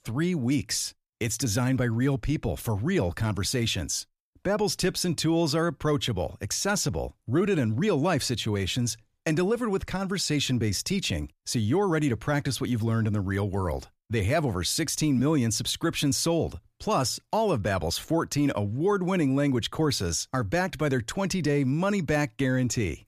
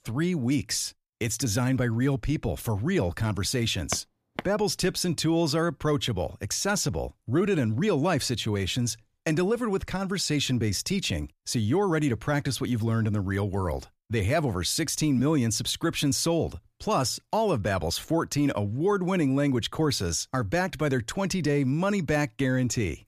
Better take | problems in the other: first | footsteps; faint; at 4 s; peak 10 dB below the speech

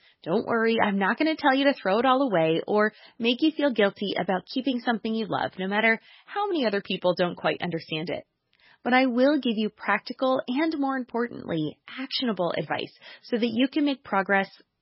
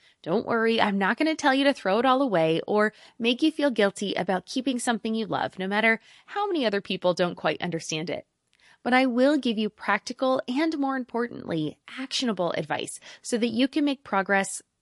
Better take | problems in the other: second | garbled, watery; badly; nothing above 5.5 kHz; slightly in the second

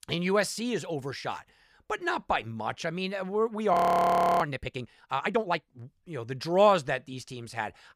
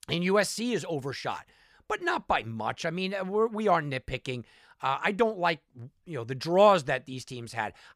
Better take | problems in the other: second | audio freezing; at 3.5 s for 0.5 s

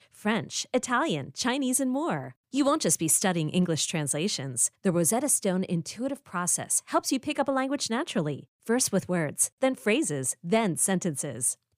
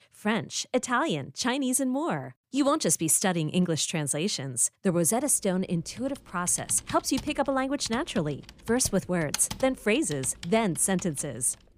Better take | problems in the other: first | keyboard typing; noticeable; from 6 to 11 s; peak 7 dB below the speech

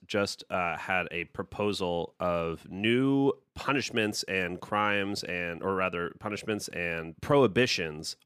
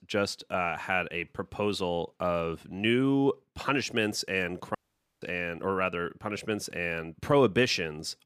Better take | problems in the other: first | audio cutting out; at 5 s

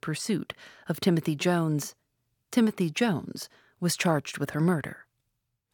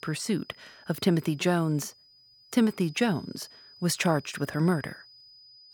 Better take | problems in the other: first | high-pitched whine; faint; throughout; 5 kHz, 25 dB below the speech

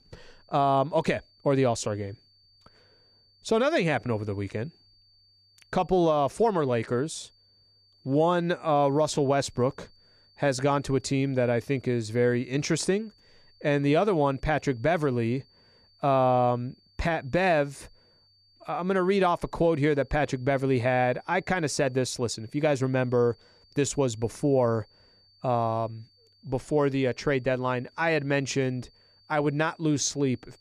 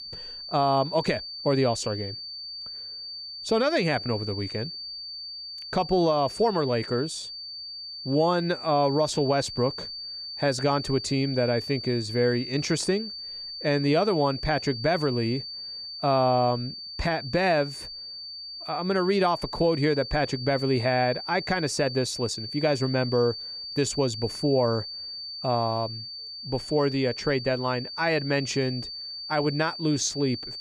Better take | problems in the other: first | high-pitched whine; loud; throughout; 4.5 kHz, 9 dB below the speech; faint in the first

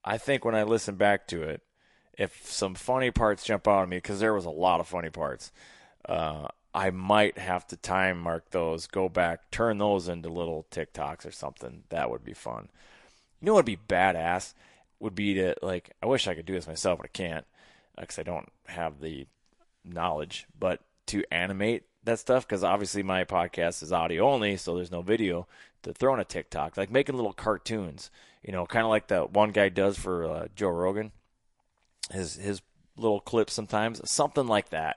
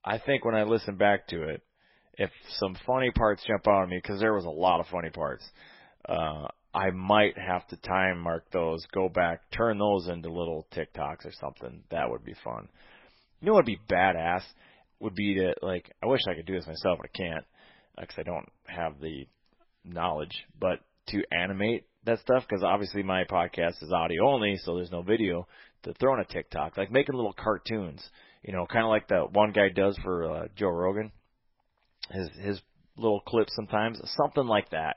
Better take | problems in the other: first | garbled, watery; badly; nothing above 5.5 kHz; slightly in the first

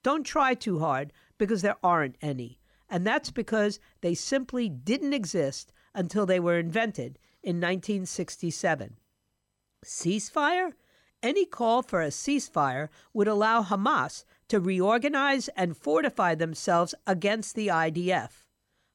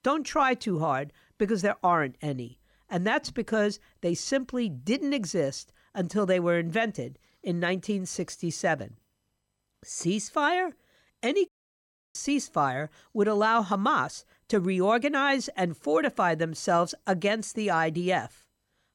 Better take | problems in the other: first | audio cutting out; at 11 s for 0.5 s

